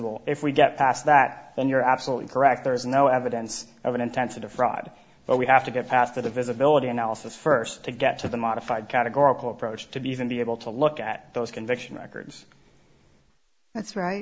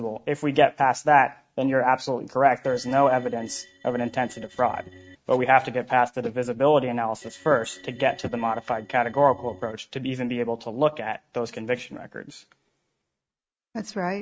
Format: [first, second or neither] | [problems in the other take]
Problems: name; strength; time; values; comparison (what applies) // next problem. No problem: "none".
first | noise reduction (neural mask model RNNoise)